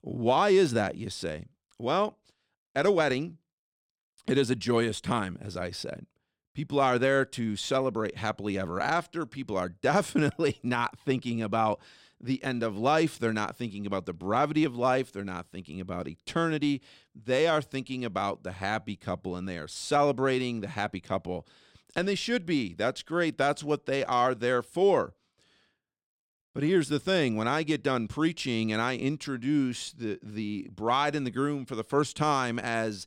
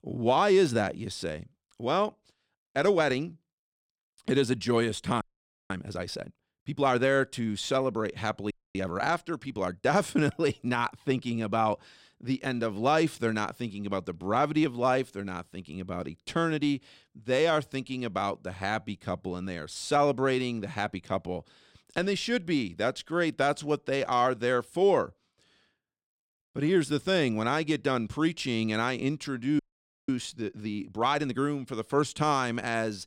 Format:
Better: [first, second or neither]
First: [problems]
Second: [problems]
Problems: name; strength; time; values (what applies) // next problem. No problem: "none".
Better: first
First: none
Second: audio freezing; at 5 s, at 8.5 s and at 30 s